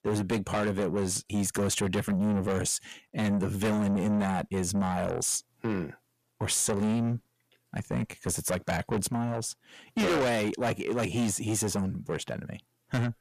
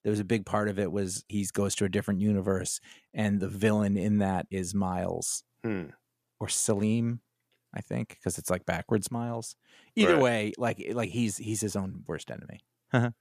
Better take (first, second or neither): second